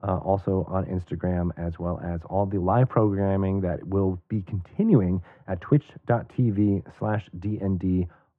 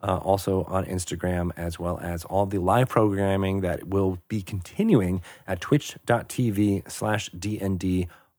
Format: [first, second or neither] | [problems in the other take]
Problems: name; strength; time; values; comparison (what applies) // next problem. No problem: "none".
second | muffled; very; fading above 1.5 kHz